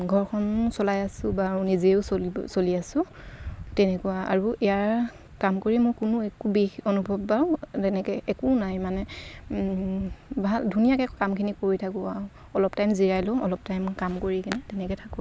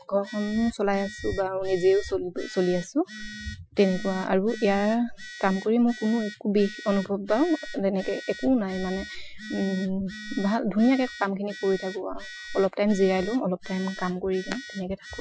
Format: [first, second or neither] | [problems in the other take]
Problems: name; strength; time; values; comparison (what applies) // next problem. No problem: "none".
first | noise reduction (classical method Wiener filter)